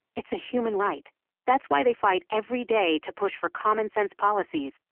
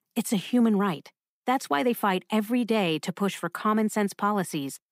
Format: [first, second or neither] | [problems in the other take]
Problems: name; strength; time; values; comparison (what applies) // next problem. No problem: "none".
second | phone-call audio; poor line; nothing above 3 kHz